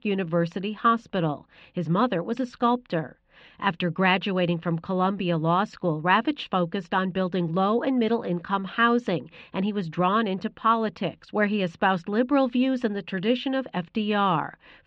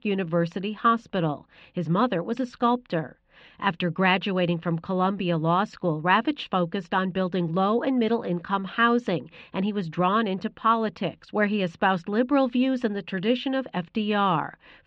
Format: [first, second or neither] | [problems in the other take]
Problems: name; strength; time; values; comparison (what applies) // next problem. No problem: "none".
neither | muffled; very; fading above 3 kHz; the same in both